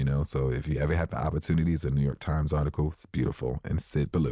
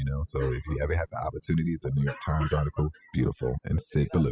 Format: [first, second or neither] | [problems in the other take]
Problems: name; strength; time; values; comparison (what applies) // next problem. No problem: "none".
first | noise reduction (classical method spectral subtraction)